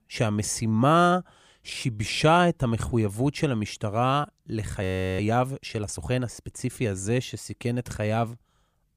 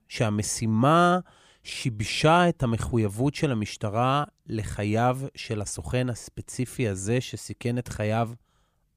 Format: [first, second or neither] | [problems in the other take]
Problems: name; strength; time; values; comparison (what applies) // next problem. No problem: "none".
second | audio freezing; at 5 s